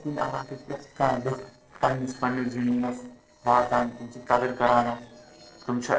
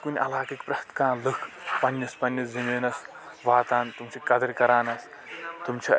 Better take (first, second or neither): second